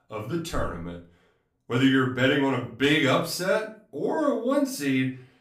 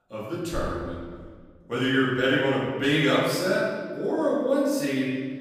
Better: first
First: room echo; slight; dies away in 0.3 s // off-mic speech; far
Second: room echo; strong; dies away in 1.5 s // off-mic speech; far

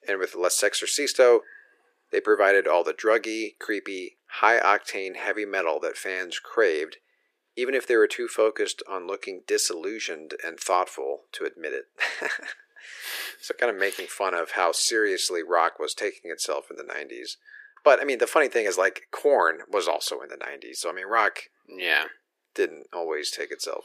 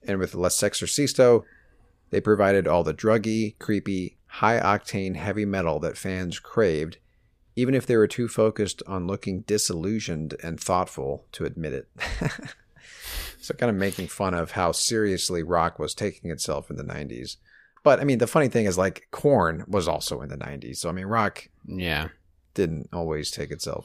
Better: second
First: thin; very; fading below 350 Hz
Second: none

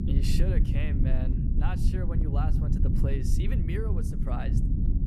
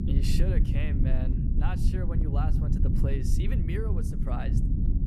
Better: neither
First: low rumble; loud; throughout; 1 dB below the speech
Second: low rumble; loud; throughout; 1 dB below the speech

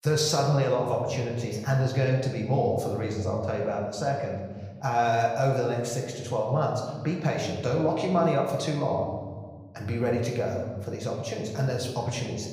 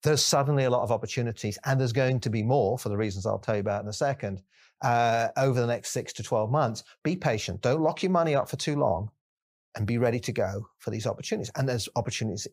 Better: second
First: room echo; noticeable; dies away in 1.3 s // off-mic speech; somewhat distant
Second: none

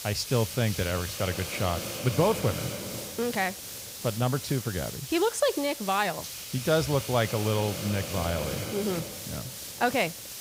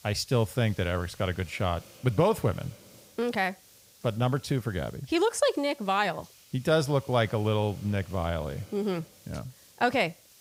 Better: second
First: hiss; loud; throughout; 7 dB below the speech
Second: hiss; faint; throughout; 25 dB below the speech

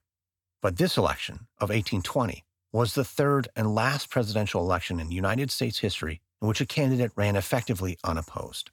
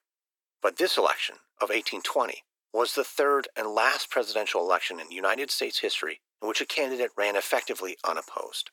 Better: first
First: none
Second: thin; very; fading below 350 Hz

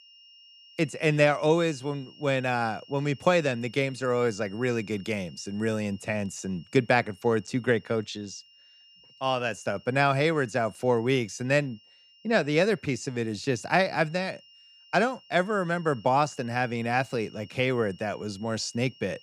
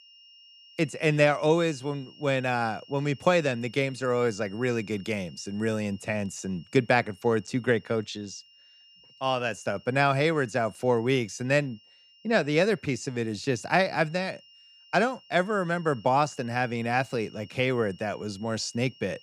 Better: neither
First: high-pitched whine; faint; throughout; 3 kHz, 25 dB below the speech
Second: high-pitched whine; faint; throughout; 3 kHz, 25 dB below the speech

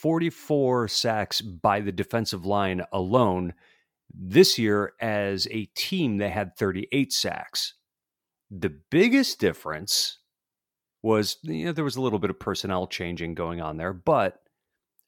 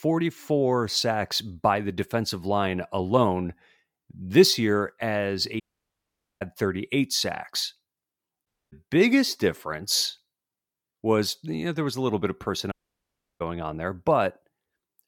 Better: first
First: none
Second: audio cutting out; at 5.5 s for 1 s, at 8.5 s and at 13 s for 0.5 s

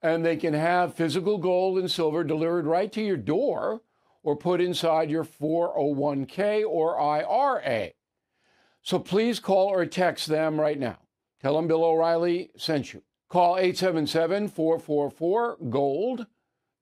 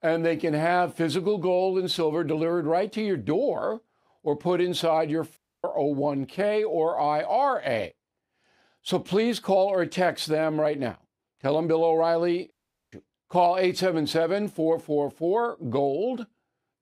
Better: first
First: none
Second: audio cutting out; at 5.5 s and at 13 s

